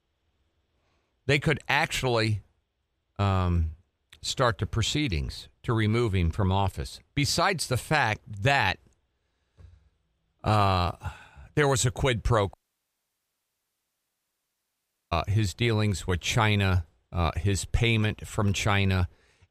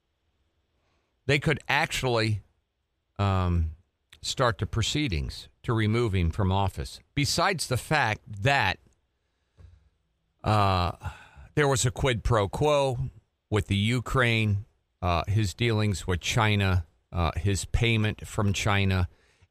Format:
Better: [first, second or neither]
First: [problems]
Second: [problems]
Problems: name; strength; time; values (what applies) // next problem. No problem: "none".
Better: second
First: audio cutting out; at 13 s for 2.5 s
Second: none